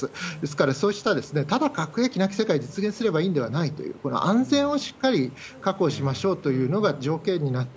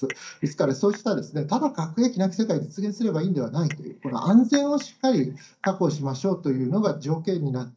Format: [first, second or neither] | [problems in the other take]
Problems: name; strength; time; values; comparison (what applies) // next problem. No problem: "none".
first | noise reduction (neural mask model DeepFilterNet 3)